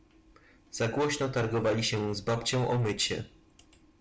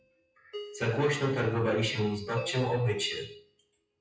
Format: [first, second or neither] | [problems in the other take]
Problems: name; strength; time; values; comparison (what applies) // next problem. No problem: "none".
first | noise reduction (classical method WPE with log-MMSE)